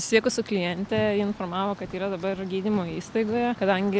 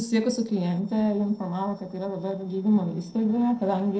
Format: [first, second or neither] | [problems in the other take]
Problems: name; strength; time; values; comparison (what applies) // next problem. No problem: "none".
first | noise reduction (neural separator model SepFormer DNS4)